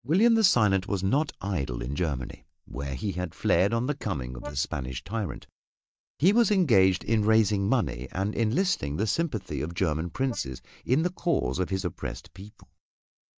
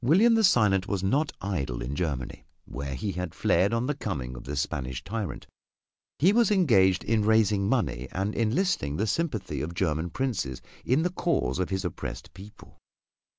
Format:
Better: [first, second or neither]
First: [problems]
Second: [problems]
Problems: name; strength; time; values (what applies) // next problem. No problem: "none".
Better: second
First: noise reduction (neural mask model DeepFilterNet 3)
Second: none